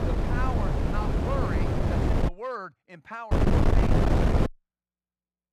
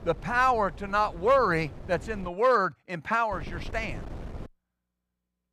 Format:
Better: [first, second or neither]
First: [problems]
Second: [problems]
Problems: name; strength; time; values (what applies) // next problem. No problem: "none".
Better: second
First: wind noise on the microphone; heavy; until 2.5 s and from 3.5 to 4.5 s; 4 dB above the speech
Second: wind noise on the microphone; occasional gusts; until 2.5 s and from 3.5 to 4.5 s; 25 dB below the speech